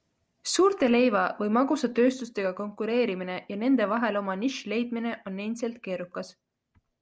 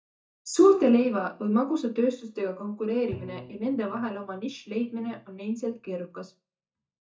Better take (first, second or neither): first